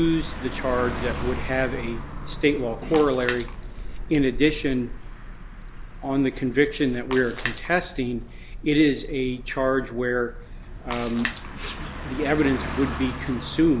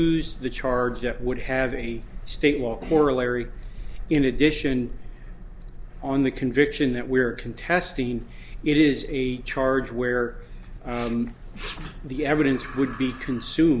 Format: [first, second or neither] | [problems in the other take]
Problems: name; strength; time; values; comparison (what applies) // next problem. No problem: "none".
second | background sound (Splash, splatter + Car passing by); 12 dB below the speech